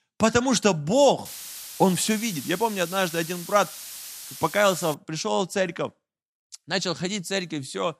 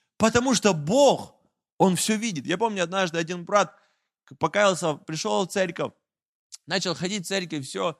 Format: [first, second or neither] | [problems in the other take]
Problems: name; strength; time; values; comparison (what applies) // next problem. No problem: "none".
second | hiss; noticeable; from 1.5 to 5 s; 10 dB below the speech